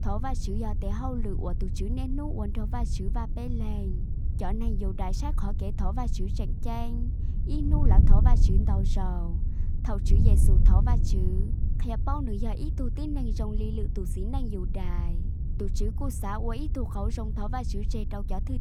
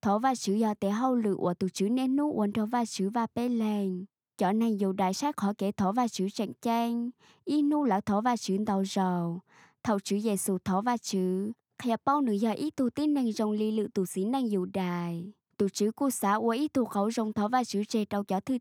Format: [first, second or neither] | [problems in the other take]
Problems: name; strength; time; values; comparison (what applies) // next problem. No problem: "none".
second | wind noise on the microphone; heavy; 7 dB below the speech